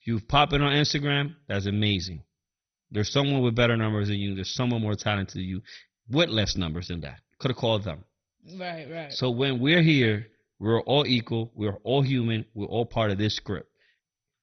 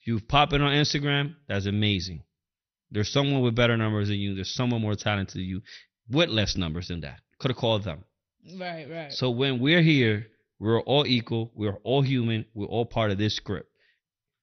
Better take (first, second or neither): second